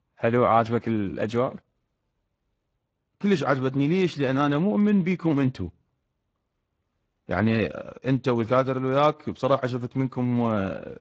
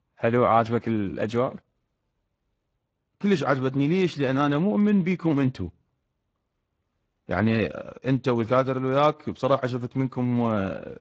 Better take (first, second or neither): neither